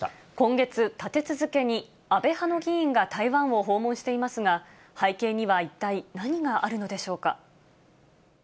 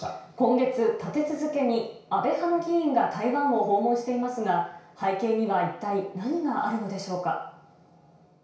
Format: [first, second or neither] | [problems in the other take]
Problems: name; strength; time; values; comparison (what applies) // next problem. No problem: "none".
first | room echo; dies away in 0.6 s